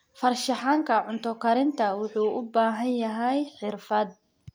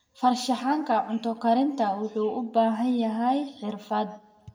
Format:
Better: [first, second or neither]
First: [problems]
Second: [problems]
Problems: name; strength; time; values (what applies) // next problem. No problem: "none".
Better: first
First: none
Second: room echo; dies away in 0.9 s